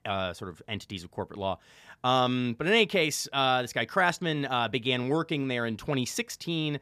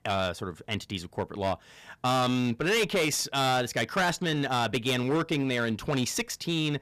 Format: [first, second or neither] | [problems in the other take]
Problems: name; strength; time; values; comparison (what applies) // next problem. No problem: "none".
first | distortion; heavy; 13% of the sound clipped